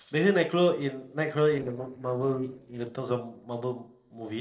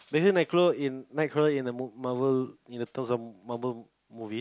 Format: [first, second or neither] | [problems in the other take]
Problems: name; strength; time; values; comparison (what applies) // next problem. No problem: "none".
second | noise reduction (neural separator model SepFormer DNS4)